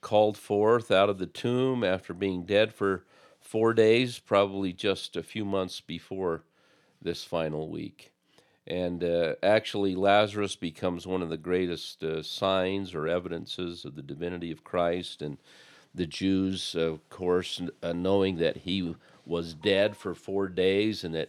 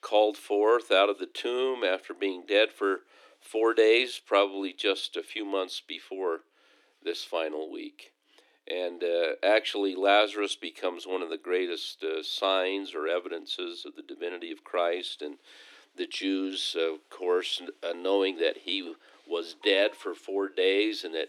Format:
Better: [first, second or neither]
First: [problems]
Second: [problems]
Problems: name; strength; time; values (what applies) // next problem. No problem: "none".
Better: first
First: none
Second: thin; very slightly; fading below 300 Hz